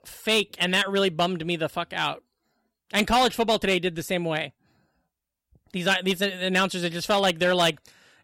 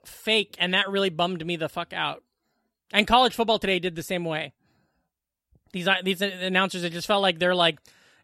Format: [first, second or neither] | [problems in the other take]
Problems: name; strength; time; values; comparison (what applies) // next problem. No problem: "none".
second | distortion; slight; 3% of the sound clipped